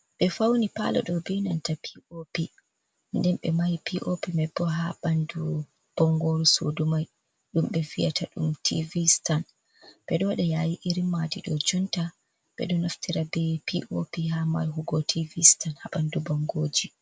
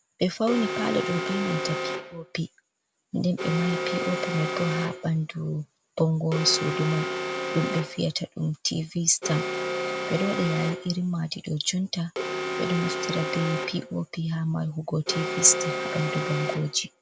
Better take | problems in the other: first | background sound (Alarm); 4 dB below the speech

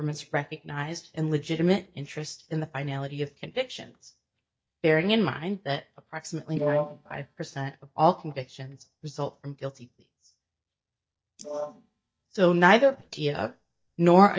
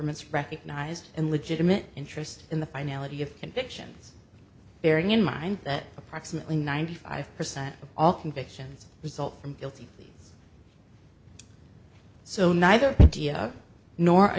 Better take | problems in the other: second | noise reduction (neural mask model DeepFilterNet 3)

